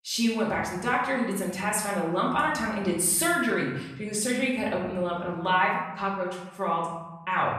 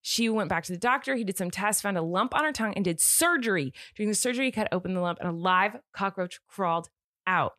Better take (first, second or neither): second